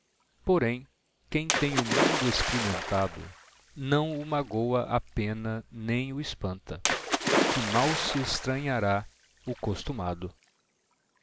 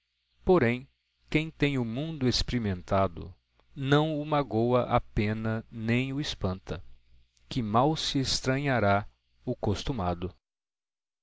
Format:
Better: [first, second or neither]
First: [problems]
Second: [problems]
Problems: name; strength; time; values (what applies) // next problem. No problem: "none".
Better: second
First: background sound (Splash, splatter); 3 dB below the speech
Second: none